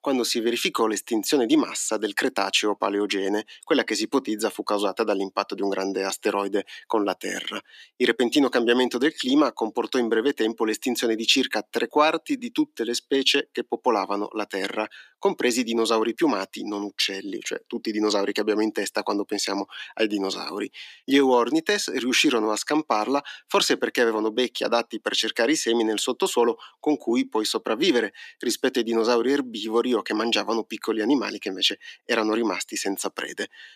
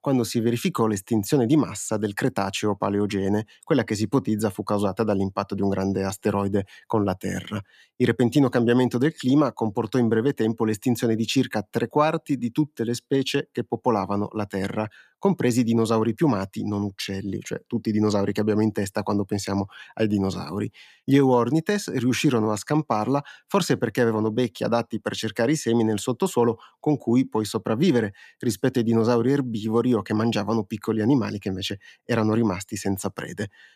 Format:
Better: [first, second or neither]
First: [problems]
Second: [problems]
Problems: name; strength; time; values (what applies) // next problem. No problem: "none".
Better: second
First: thin; very slightly; fading below 300 Hz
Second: none